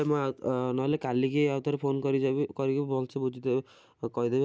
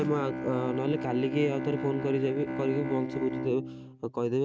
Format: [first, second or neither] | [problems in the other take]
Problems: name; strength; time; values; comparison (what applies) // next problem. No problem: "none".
first | noise reduction (neural mask model RNNoise)